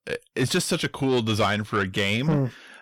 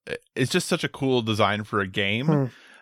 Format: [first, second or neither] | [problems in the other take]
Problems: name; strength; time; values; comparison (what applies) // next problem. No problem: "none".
second | distortion; slight; 10 dB below the speech